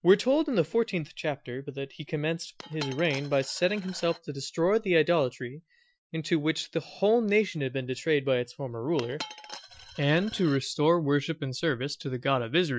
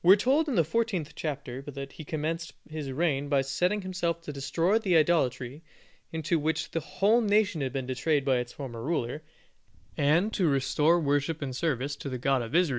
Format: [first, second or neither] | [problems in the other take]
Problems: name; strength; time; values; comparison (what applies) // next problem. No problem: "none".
second | noise reduction (classical method Wiener filter)